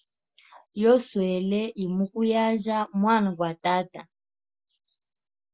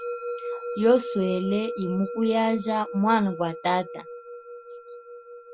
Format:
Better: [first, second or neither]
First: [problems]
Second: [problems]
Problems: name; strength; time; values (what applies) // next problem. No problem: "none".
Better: first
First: none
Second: background sound (Musical instrument); 9 dB below the speech